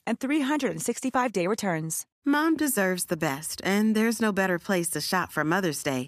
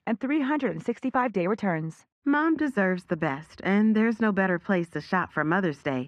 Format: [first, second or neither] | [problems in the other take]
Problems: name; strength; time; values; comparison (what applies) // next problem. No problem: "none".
first | muffled; very; fading above 2 kHz